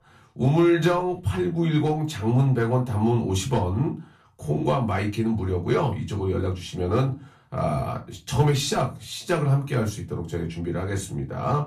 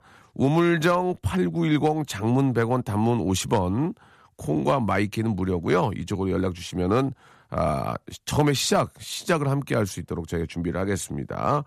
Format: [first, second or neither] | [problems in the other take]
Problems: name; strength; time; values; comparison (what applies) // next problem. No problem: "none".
second | off-mic speech; far // room echo; very slight; dies away in 0.2 s